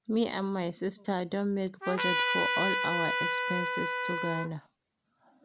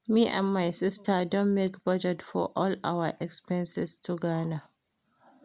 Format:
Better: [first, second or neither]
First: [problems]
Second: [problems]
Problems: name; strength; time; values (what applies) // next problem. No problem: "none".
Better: second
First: background sound (Trumpet); 2 dB above the speech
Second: none